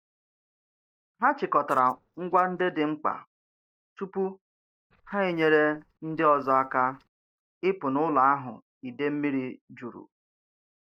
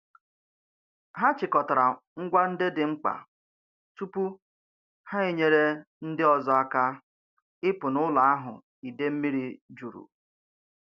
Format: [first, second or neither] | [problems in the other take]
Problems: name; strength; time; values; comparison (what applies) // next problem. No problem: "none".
second | noise reduction (neural mask model DeepFilterNet 3)